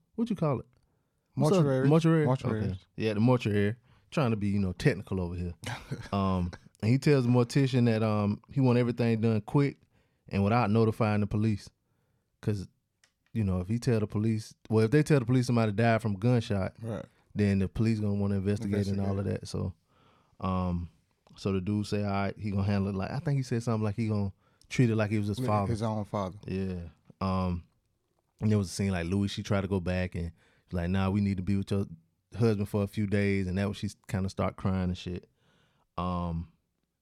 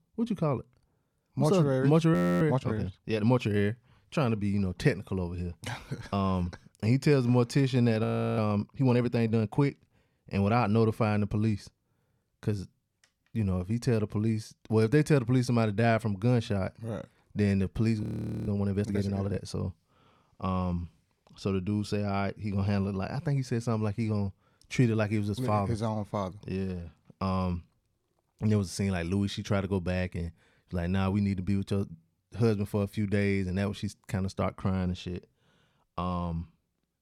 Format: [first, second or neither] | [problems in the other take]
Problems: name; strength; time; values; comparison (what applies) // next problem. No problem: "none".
first | audio freezing; at 2 s, at 8 s and at 18 s